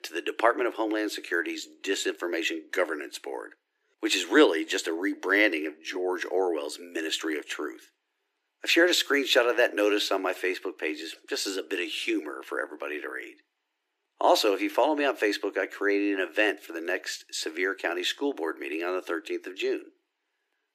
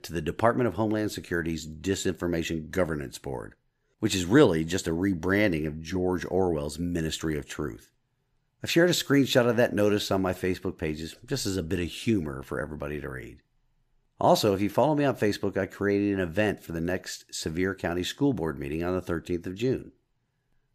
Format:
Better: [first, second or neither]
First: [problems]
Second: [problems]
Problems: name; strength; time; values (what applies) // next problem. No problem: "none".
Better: second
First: thin; somewhat; fading below 300 Hz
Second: none